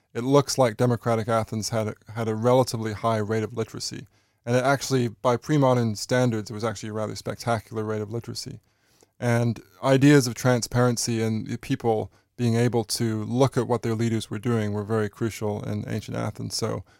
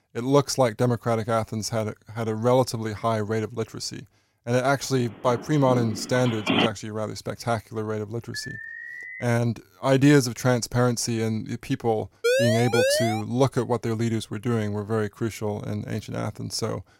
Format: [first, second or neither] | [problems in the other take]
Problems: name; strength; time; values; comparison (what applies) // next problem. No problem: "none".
first | phone ringing; loud; from 5.5 to 6.5 s; peak 2 dB above the speech // alarm; faint; at 8.5 s; peak 10 dB below the speech // siren; loud; at 12 s; peak 3 dB above the speech